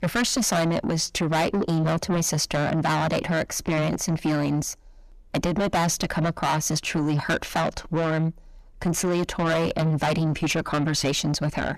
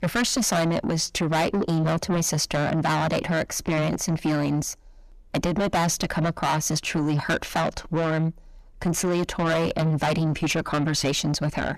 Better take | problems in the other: neither | distortion; heavy; 6 dB below the speech; the same in both

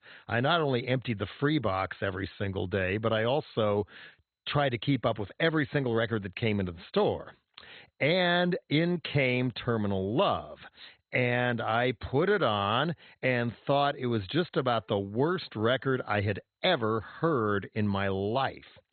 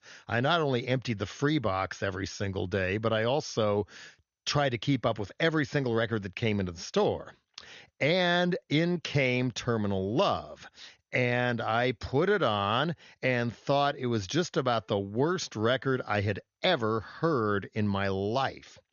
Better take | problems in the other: second | garbled, watery; badly; nothing above 4 kHz; slightly in the second

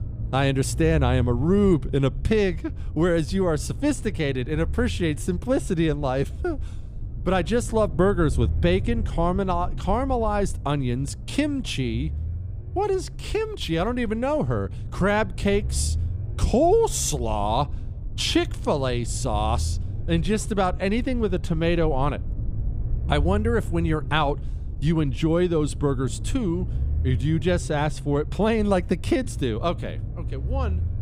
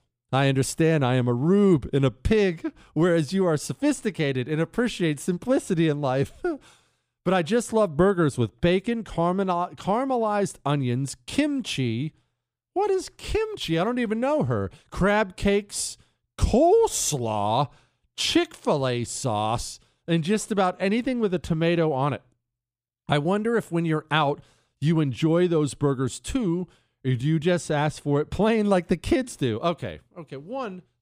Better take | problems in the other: second | low rumble; faint; throughout; 20 dB below the speech

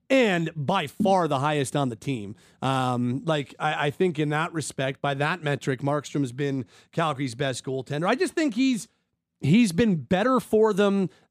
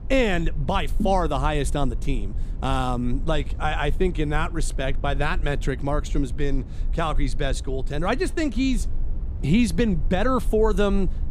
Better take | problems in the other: first | low rumble; faint; throughout; 20 dB below the speech

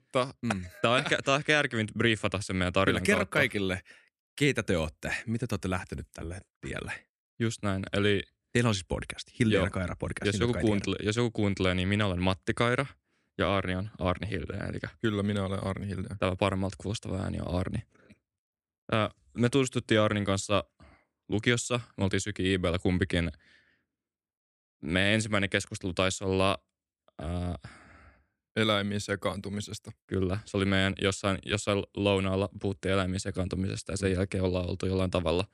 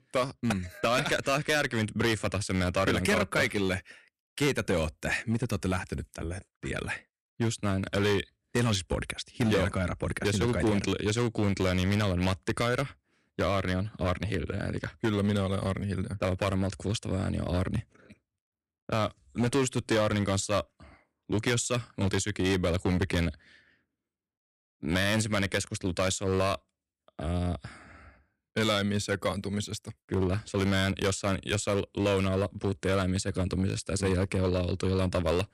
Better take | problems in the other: first | distortion; heavy; 6% of the sound clipped

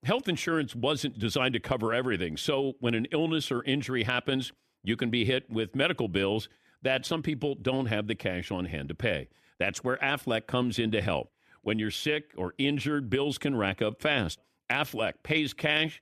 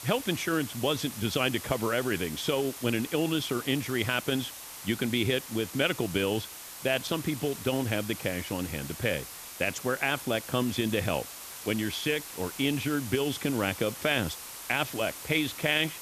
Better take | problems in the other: first | hiss; noticeable; throughout; 10 dB below the speech

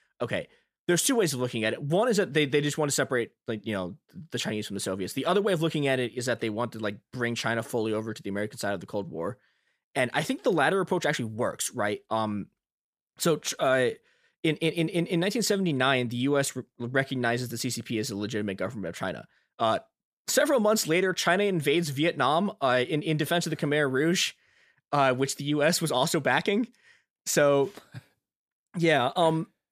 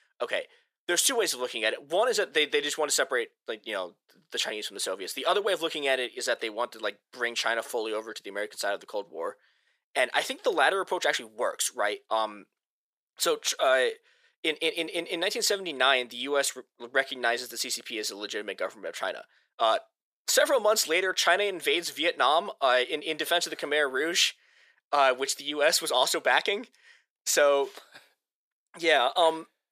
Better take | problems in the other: first | thin; very; fading below 450 Hz

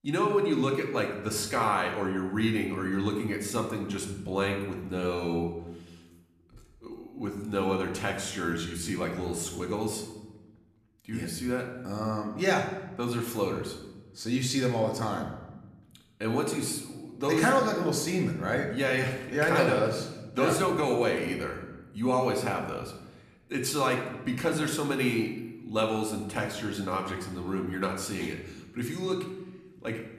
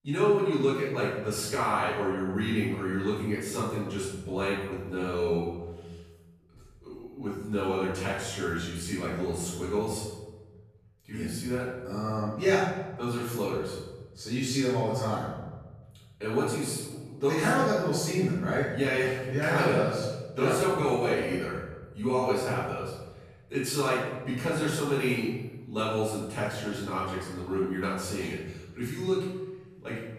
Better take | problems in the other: first | room echo; strong; dies away in 1.3 s; slight in the first // off-mic speech; far; somewhat distant in the first

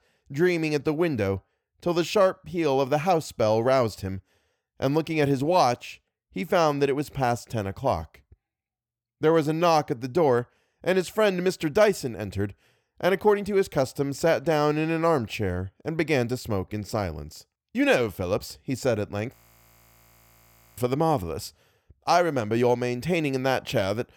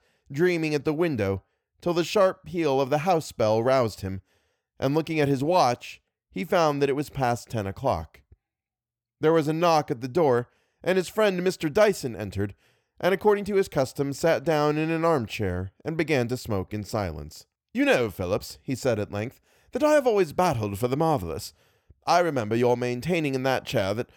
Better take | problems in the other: second | audio freezing; at 19 s for 1.5 s

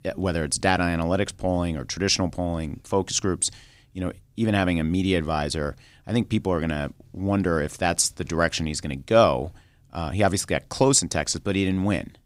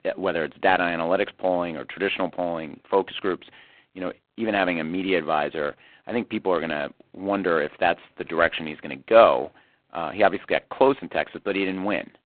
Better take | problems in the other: first | phone-call audio; poor line; nothing above 3.5 kHz

